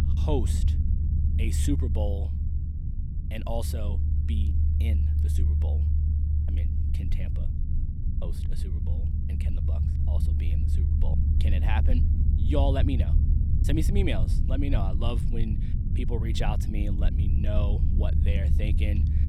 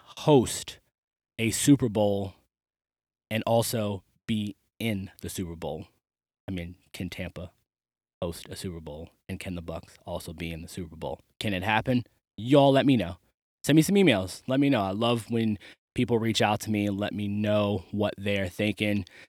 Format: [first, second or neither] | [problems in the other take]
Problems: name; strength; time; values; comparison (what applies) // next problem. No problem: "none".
second | low rumble; loud; throughout; 6 dB below the speech